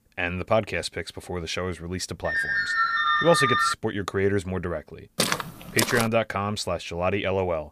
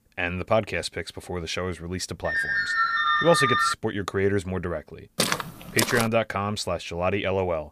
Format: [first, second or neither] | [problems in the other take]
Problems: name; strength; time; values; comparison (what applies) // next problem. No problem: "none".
neither | phone ringing; loud; from 2.5 to 3.5 s; peak 5 dB above the speech; the same in both // footsteps; loud; at 5 s; peak 2 dB above the speech; the same in both